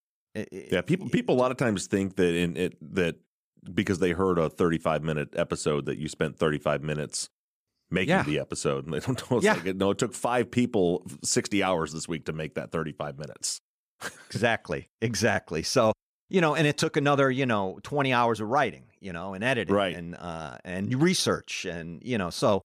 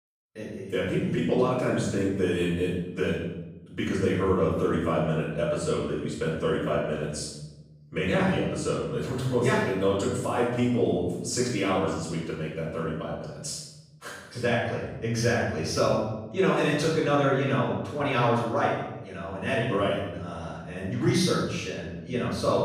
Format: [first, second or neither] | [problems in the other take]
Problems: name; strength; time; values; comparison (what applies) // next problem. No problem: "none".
first | off-mic speech; far // room echo; strong; dies away in 1 s